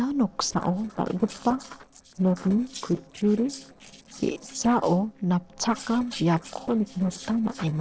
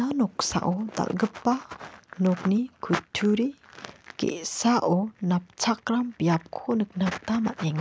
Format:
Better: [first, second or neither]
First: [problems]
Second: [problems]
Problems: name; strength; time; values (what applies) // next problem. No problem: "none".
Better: second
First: noise reduction (neural separator model SepFormer DNS4)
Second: none